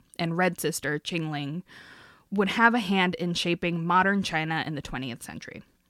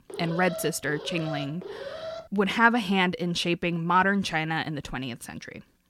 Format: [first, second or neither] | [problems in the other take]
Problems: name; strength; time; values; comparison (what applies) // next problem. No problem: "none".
first | alarm; faint; until 2.5 s; peak 10 dB below the speech